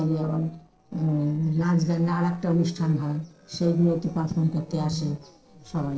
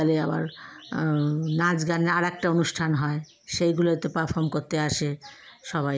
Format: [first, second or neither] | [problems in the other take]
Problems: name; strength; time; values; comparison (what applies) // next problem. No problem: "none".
second | noise reduction (neural separator model SepFormer DNS4)